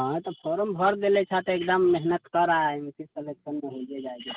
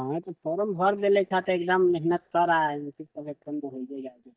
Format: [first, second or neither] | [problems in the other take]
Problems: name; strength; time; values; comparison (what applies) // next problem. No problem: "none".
first | noise reduction (neural mask model DeepFilterNet 3)